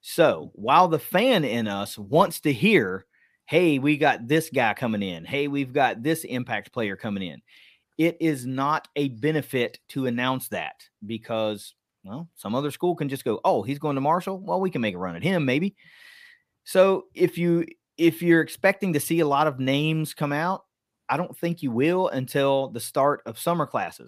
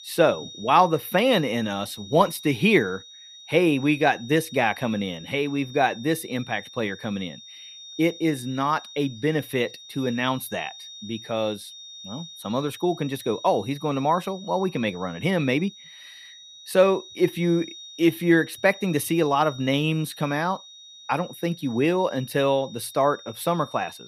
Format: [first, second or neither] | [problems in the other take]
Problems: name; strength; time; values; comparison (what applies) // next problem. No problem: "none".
first | high-pitched whine; noticeable; throughout; 3.5 kHz, 15 dB below the speech